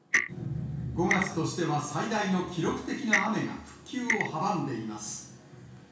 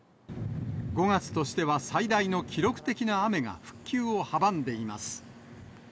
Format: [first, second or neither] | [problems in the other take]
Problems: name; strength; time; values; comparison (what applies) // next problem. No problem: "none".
second | background sound (Clock); 3 dB below the speech // room echo; dies away in 0.6 s